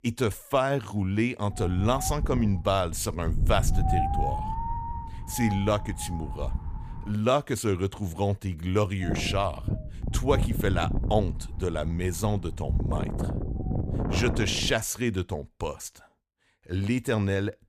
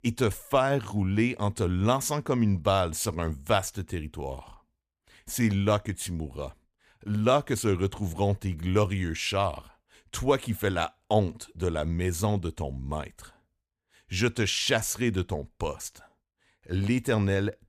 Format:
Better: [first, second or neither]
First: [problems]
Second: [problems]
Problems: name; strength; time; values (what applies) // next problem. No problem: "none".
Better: second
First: wind noise on the microphone; heavy; from 1.5 to 7 s and from 9 to 15 s; 6 dB below the speech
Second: none